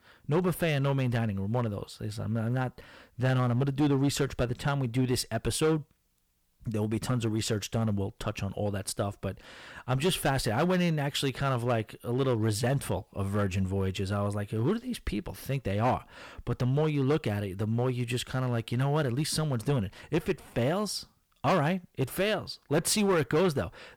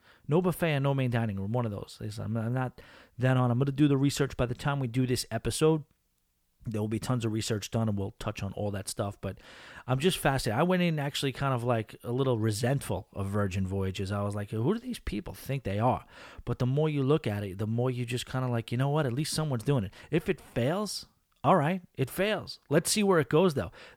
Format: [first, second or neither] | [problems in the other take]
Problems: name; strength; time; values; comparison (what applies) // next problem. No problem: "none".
second | distortion; slight; 5% of the sound clipped